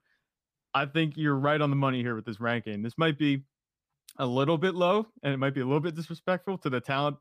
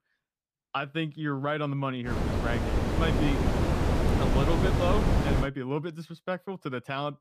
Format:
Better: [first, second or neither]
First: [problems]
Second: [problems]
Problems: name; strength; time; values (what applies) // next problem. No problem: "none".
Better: first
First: none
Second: wind noise on the microphone; heavy; from 2 to 5.5 s; 1 dB above the speech